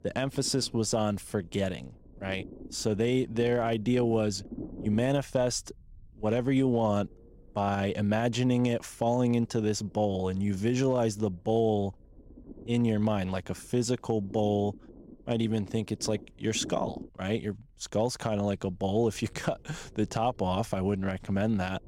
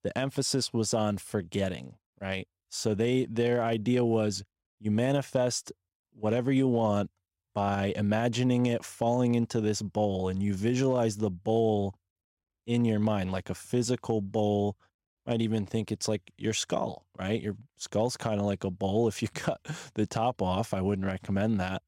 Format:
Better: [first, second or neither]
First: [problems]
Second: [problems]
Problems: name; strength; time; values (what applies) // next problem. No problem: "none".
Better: second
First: low rumble; faint; throughout; 20 dB below the speech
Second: none